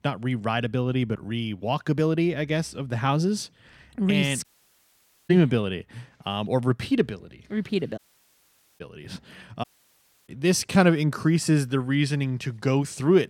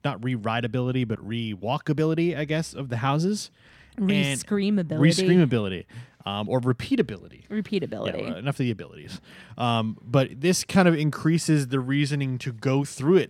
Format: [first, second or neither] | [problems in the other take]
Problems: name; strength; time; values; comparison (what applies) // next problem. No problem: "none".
second | audio cutting out; at 4.5 s for 1 s, at 8 s for 1 s and at 9.5 s for 0.5 s